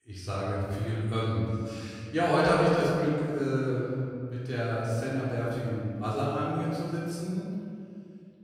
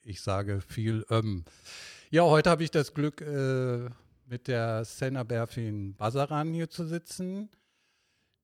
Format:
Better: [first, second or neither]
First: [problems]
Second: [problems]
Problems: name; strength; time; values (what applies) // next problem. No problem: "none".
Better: second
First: off-mic speech; far // room echo; strong; dies away in 2.1 s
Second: none